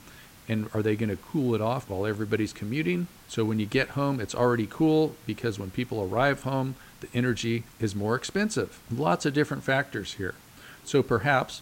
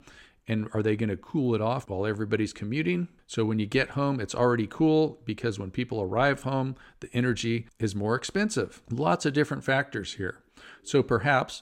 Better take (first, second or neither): second